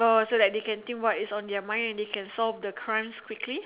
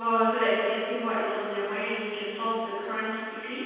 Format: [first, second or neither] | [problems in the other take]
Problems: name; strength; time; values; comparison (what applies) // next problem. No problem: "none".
first | room echo; dies away in 2.1 s